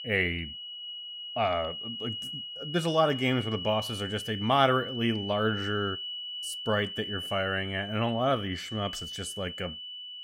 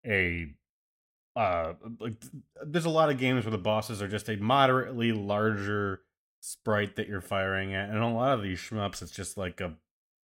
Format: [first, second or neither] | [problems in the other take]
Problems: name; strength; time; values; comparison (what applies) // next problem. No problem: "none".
second | high-pitched whine; loud; throughout; 3 kHz, 7 dB below the speech